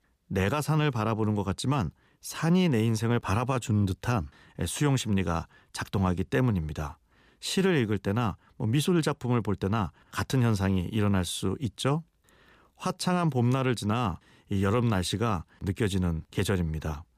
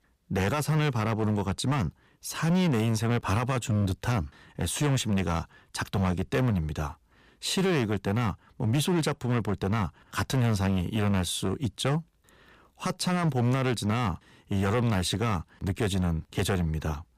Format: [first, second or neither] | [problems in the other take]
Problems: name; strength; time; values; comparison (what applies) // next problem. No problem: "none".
first | distortion; slight; 9% of the sound clipped